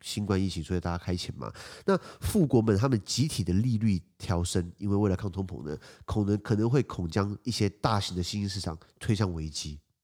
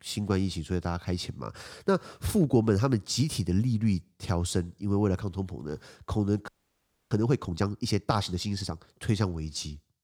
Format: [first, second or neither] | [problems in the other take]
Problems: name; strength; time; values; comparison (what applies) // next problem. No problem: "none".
first | audio freezing; at 6.5 s for 0.5 s